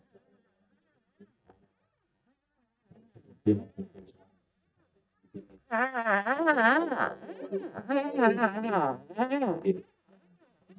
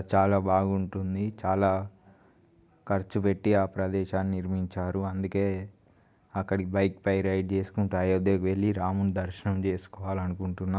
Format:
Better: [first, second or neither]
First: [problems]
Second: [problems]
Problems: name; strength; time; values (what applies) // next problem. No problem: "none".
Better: second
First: noise reduction (neural mask model DeepFilterNet 3)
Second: none